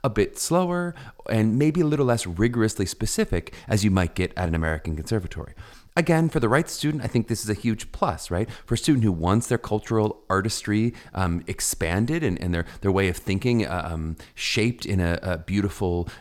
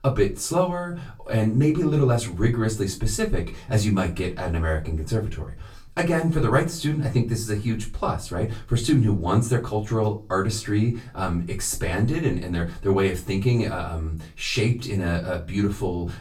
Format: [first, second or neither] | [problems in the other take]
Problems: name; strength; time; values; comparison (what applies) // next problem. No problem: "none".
first | off-mic speech; far // room echo; very slight; dies away in 0.2 s